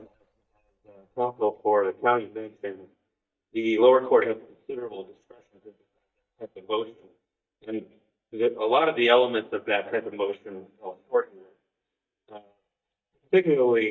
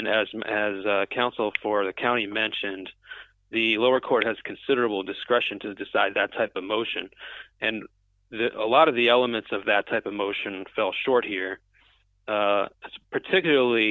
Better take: second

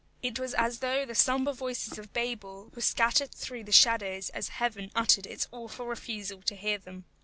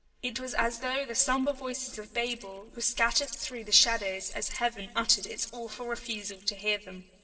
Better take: first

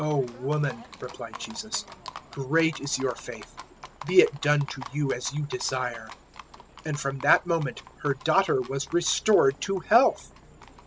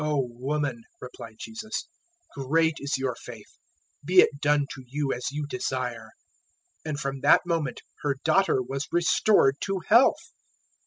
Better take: second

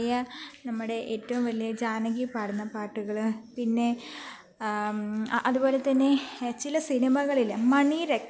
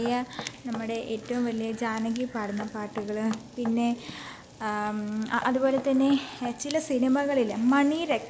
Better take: first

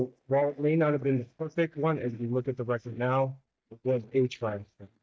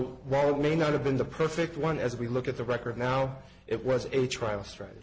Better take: second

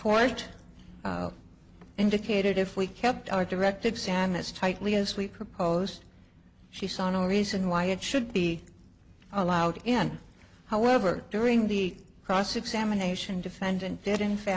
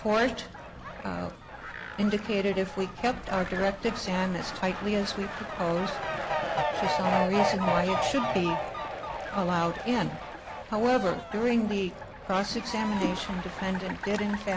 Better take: first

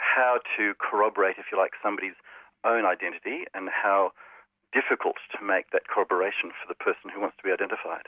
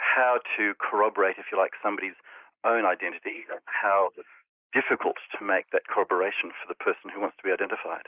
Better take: first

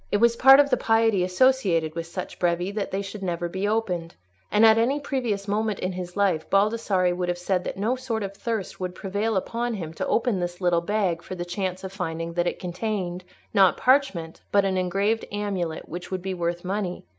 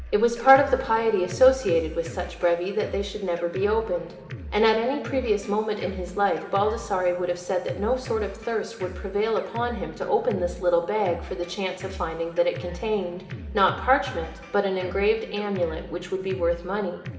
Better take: first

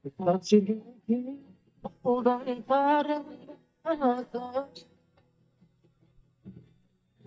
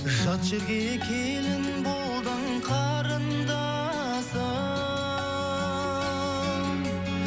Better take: second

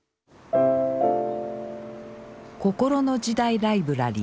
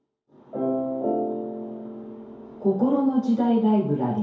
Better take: first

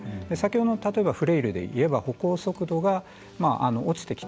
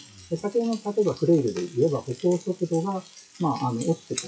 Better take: first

